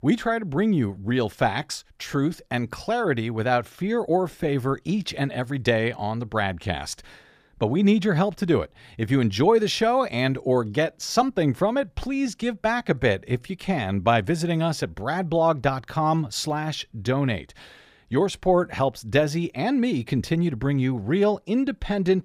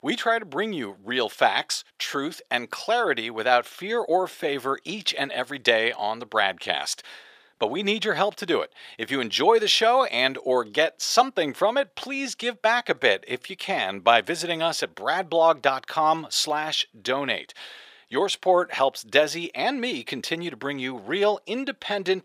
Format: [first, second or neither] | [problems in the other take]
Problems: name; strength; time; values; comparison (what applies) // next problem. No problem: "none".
first | thin; somewhat; fading below 500 Hz